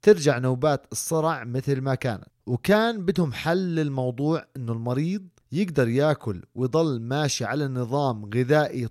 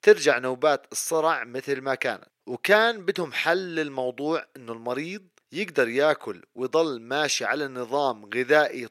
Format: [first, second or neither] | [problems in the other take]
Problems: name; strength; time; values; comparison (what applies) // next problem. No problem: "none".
first | thin; somewhat; fading below 400 Hz